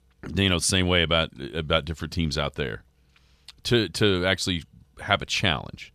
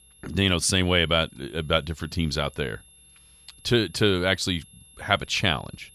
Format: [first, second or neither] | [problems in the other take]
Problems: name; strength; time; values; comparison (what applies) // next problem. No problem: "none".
first | high-pitched whine; faint; throughout; 11 kHz, 25 dB below the speech